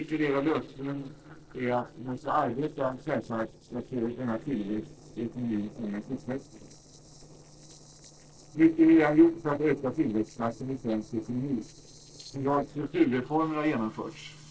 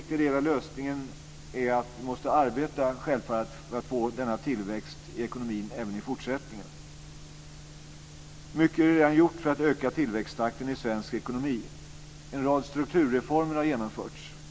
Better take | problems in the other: second | noise reduction (neural separator model SepFormer DNS4)

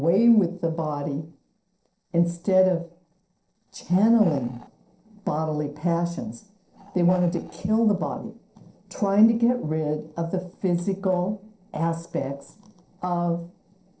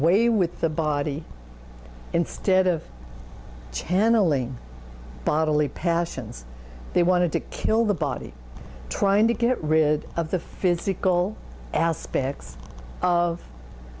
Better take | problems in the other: second | noise reduction (neural separator model SepFormer DNS4)

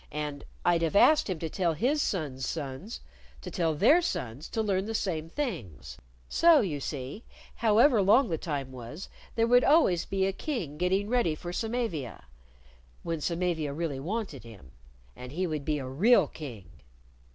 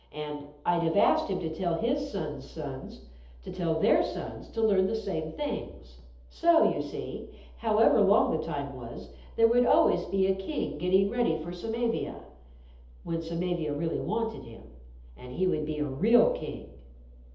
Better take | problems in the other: first | room echo; dies away in 0.8 s

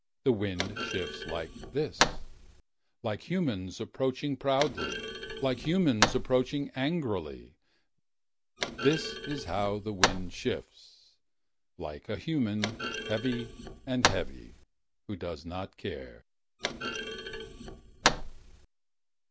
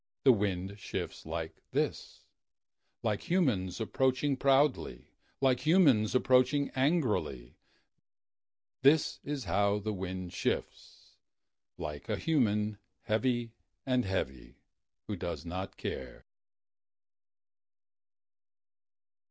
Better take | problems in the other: second | background sound (Thump, thud); 3 dB below the speech

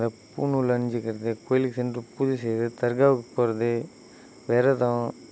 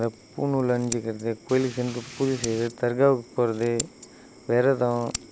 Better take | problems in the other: first | background sound (Scissors + Rain); 15 dB below the speech

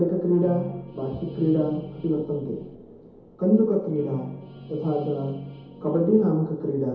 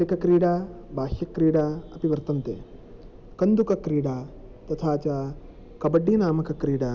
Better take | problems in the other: second | background sound (Guitar); 13 dB below the speech // room echo; dies away in 0.8 s

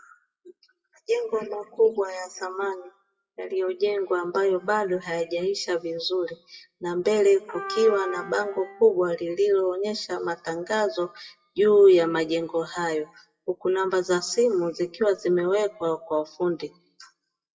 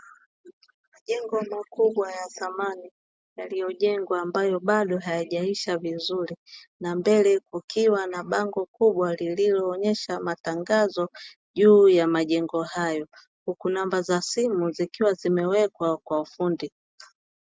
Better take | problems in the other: second | noise reduction (classical method WPE with log-MMSE)

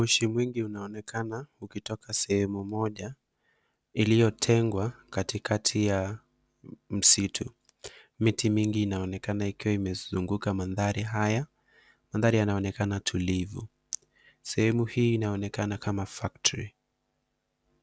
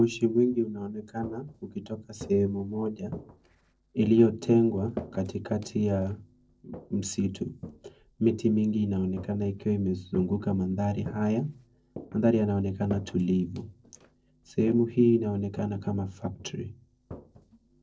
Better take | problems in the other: first | noise reduction (neural separator model SepFormer DNS4)

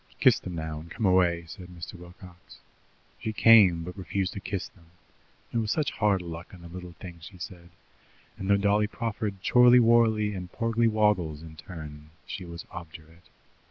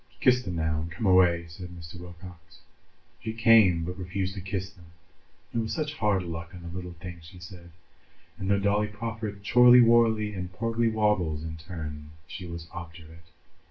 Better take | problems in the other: first | room echo; dies away in 0.2 s

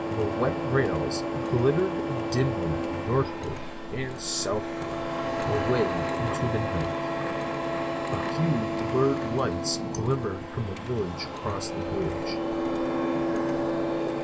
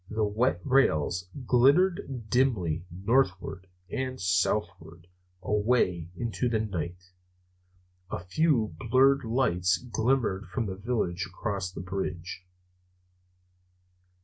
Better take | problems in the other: second | background sound (Printer); 1 dB above the speech

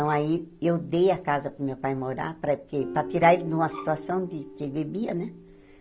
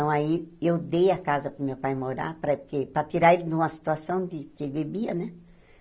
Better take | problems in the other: second | background sound (Bowed string instrument + Guitar); 15 dB below the speech

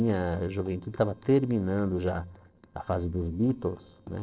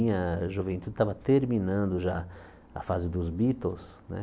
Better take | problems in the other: second | noise reduction (neural separator model SepFormer DNS4)

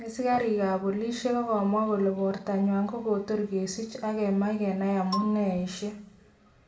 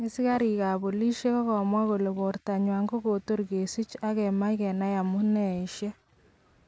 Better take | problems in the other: second | background sound (Marimba, xylophone); 12 dB below the speech // room echo; dies away in 0.4 s

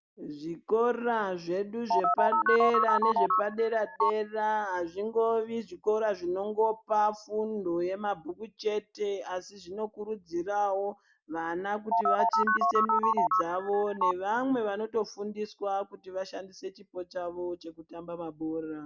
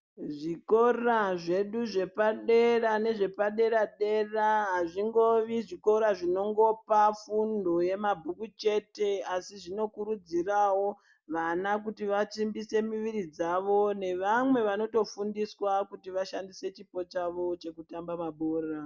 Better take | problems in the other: second | background sound (Telephone); 4 dB above the speech

